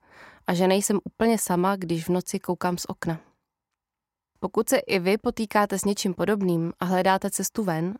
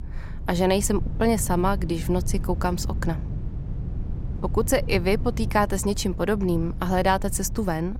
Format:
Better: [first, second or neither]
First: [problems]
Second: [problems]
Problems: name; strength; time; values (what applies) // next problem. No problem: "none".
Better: first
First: none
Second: low rumble; noticeable; throughout; 20 dB below the speech